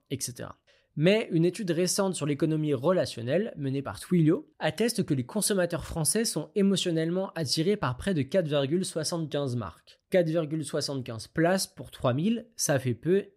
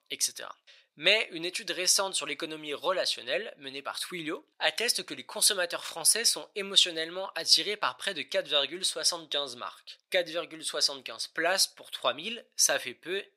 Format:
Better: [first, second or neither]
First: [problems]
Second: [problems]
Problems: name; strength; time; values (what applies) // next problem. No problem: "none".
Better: first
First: none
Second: thin; very; fading below 800 Hz